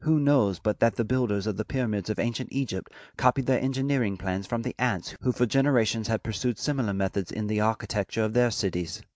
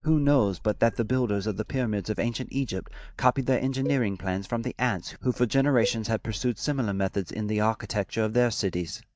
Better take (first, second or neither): first